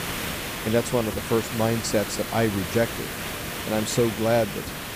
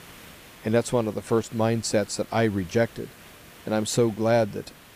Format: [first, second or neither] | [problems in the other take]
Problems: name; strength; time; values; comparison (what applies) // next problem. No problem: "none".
second | hiss; loud; throughout; 5 dB below the speech; faint in the second